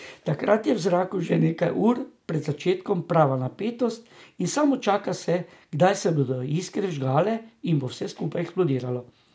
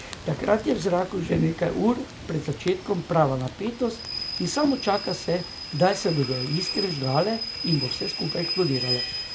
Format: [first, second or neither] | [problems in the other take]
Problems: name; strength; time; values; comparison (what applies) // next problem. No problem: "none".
first | background sound (Rain / Train); 8 dB below the speech